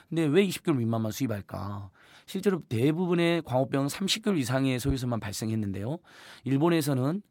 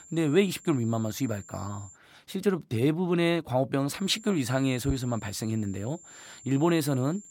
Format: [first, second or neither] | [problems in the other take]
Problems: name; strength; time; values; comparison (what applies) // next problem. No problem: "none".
first | high-pitched whine; faint; until 2 s and from 4 s on; 7.5 kHz, 20 dB below the speech